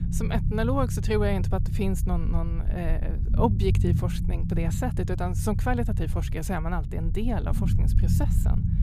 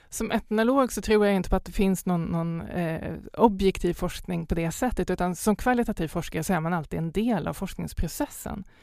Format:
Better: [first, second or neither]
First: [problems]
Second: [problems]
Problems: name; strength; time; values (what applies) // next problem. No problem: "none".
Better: second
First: low rumble; loud; throughout; 9 dB below the speech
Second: none